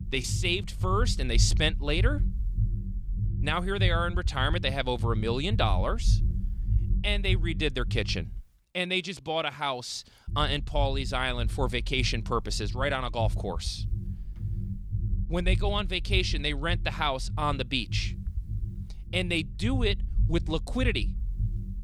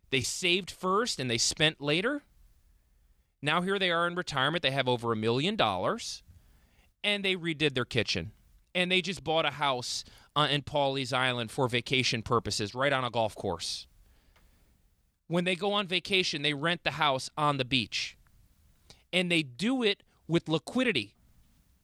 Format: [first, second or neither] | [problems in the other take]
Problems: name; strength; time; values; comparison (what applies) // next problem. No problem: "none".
second | low rumble; noticeable; until 8.5 s and from 10 s on; 20 dB below the speech